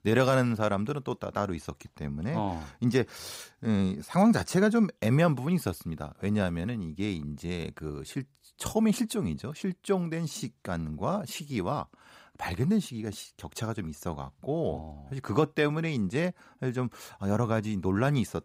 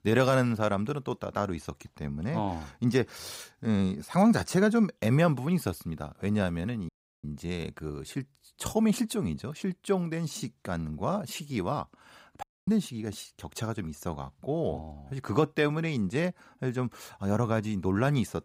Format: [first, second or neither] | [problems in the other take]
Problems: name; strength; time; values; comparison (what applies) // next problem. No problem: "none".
first | audio cutting out; at 7 s and at 12 s